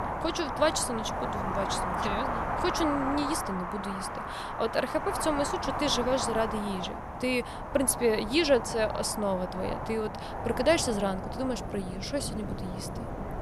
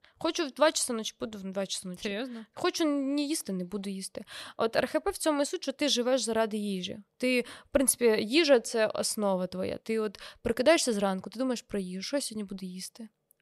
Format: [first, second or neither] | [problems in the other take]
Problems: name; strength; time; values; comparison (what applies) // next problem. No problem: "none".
second | wind noise on the microphone; heavy; 3 dB below the speech